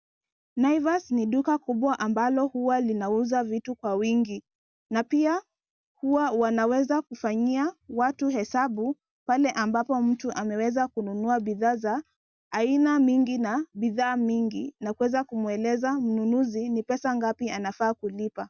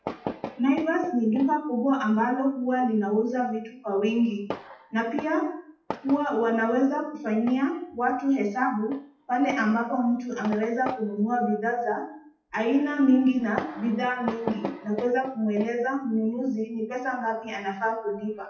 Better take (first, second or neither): first